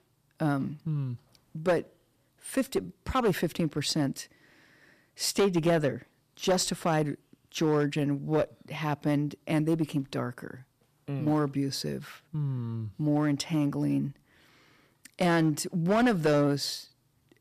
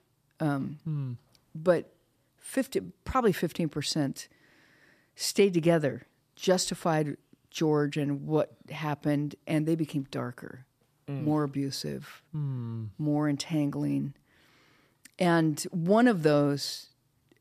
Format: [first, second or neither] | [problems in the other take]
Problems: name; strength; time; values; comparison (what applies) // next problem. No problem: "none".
second | distortion; slight; 5% of the sound clipped